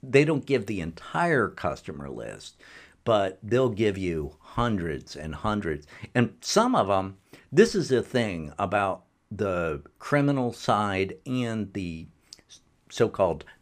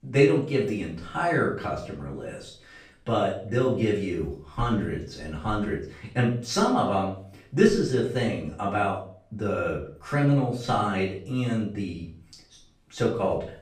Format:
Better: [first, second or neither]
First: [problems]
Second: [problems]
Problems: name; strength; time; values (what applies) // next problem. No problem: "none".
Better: first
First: none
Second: room echo; noticeable; dies away in 0.4 s // off-mic speech; far